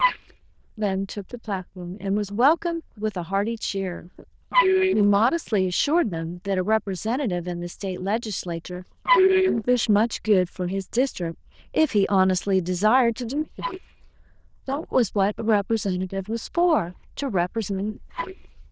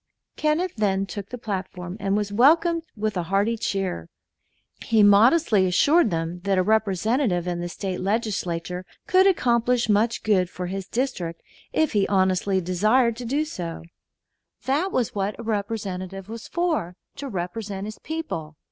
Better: second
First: noise reduction (neural diffusion model UNIVERSE++)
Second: none

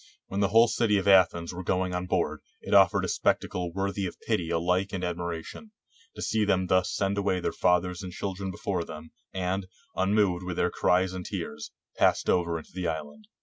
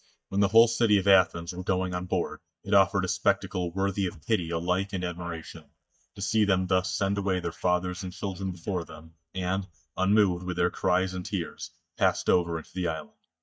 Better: first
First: none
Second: noise reduction (neural mask model DeepFilterNet 3)

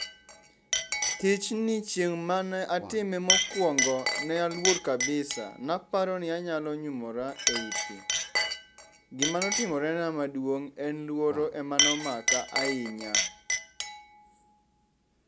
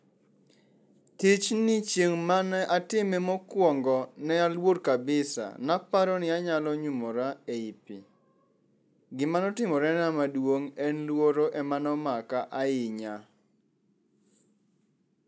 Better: second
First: background sound (Chink, clink); 1 dB below the speech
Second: none

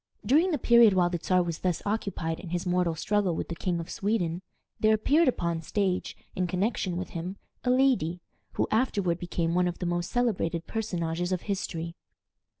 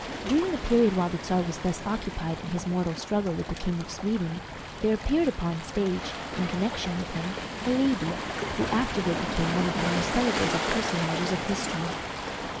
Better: first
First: none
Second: background sound (Waves, surf); 4 dB below the speech

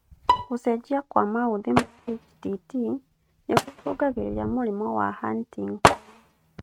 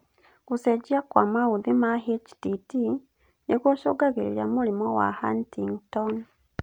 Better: second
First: noise reduction (neural mask model RNNoise)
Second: none

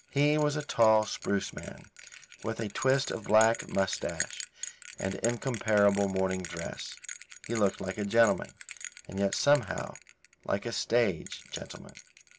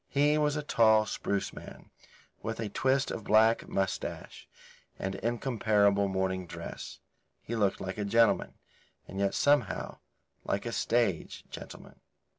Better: second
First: background sound (Bell); 14 dB below the speech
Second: none

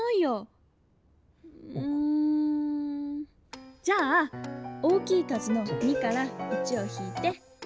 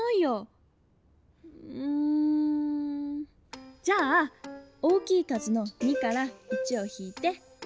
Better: second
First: background sound (Breathing + Piano); 8 dB below the speech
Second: none

